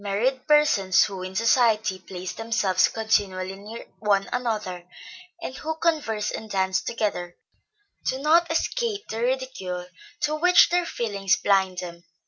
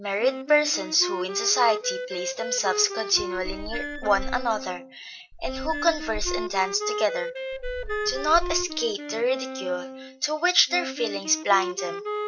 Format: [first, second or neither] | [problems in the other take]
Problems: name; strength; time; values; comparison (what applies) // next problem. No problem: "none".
first | background sound (Squeak / Screech + Wind instrument, woodwind instrument); 6 dB below the speech